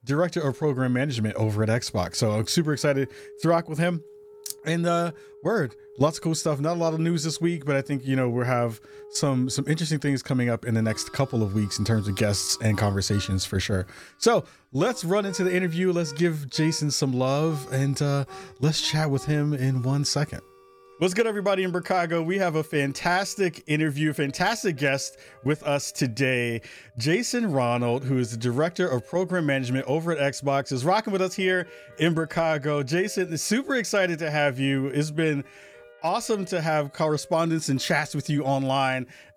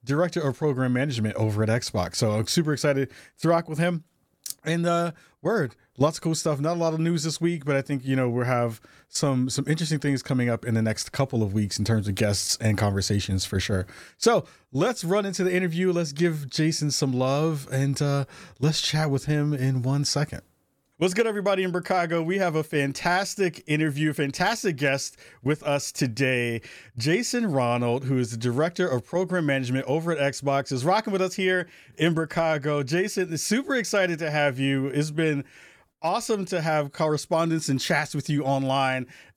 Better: second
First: background music; faint; throughout; 25 dB below the speech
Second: none

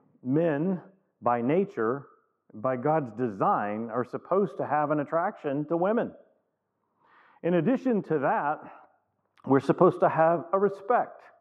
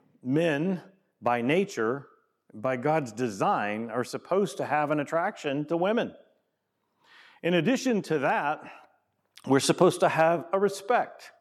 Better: second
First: muffled; very; fading above 2.5 kHz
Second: none

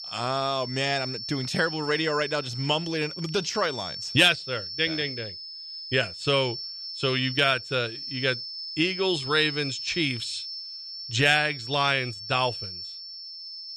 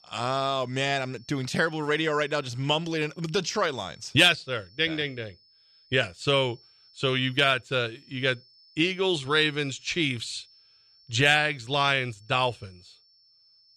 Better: second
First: high-pitched whine; loud; throughout; 5.5 kHz, 8 dB below the speech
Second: high-pitched whine; faint; throughout; 5.5 kHz, 30 dB below the speech

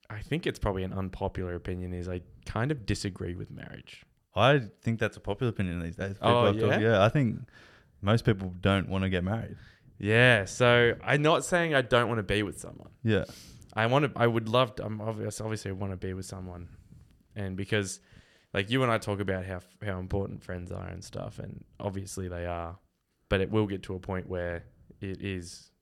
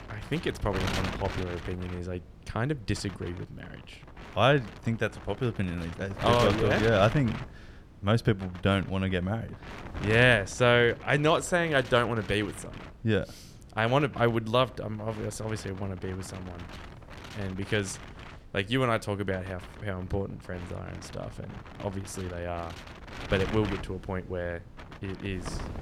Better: first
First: none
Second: wind noise on the microphone; occasional gusts; 15 dB below the speech

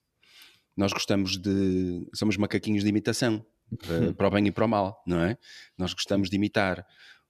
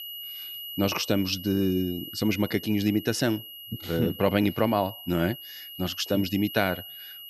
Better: first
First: none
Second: high-pitched whine; noticeable; throughout; 3 kHz, 10 dB below the speech

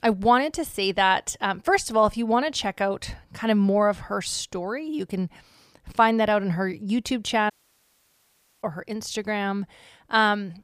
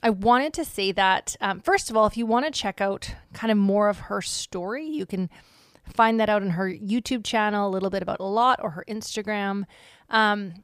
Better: second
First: audio cutting out; at 7.5 s for 1 s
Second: none

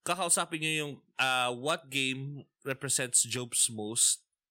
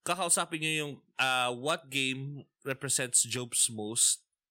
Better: neither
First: none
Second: none

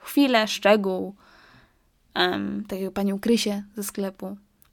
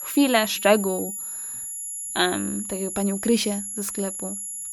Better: first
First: none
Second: high-pitched whine; loud; throughout; 11 kHz, 6 dB below the speech

